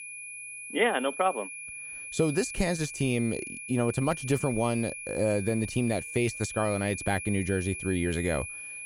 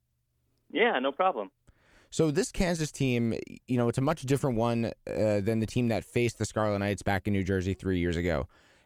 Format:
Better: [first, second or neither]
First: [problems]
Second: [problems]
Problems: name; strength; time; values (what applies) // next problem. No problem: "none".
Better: second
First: high-pitched whine; loud; throughout; 2.5 kHz, 8 dB below the speech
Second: none